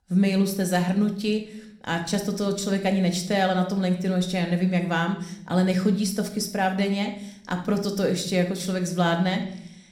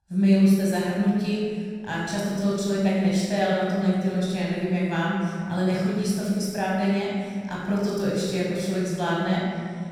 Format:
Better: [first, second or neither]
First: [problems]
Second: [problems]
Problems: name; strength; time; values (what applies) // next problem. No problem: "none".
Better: first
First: room echo; slight; dies away in 0.6 s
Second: room echo; strong; dies away in 1.9 s // off-mic speech; far